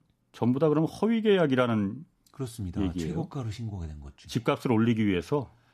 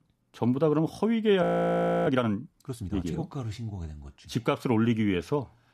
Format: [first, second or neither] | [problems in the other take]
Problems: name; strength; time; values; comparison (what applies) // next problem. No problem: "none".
first | audio freezing; at 1.5 s for 0.5 s